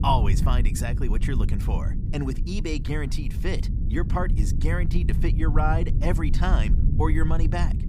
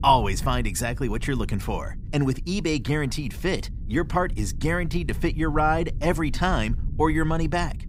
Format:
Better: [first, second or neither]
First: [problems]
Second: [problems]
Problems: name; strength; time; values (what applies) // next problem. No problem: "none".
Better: second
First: low rumble; loud; throughout; 9 dB below the speech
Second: low rumble; faint; throughout; 25 dB below the speech